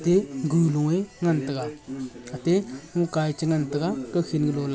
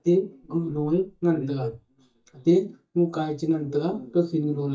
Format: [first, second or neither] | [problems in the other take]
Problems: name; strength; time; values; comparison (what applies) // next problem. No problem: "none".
first | noise reduction (neural mask model DeepFilterNet 3)